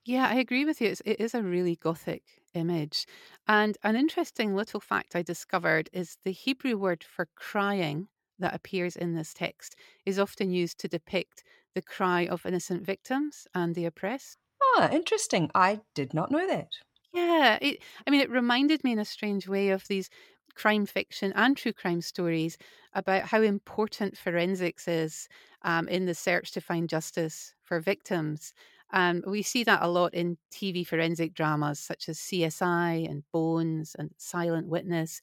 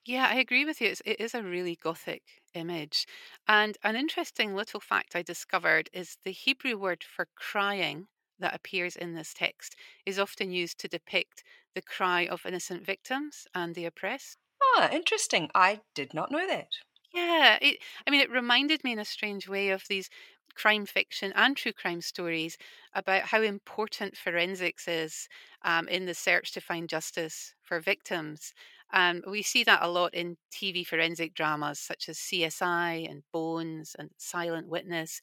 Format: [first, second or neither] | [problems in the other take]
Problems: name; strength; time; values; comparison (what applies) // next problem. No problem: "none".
first | thin; somewhat; fading below 1 kHz